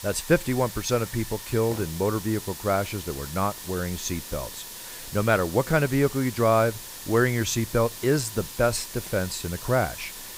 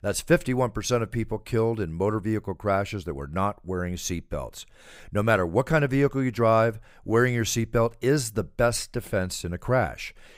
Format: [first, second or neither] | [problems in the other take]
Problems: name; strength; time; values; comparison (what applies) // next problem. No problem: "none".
second | hiss; noticeable; throughout; 10 dB below the speech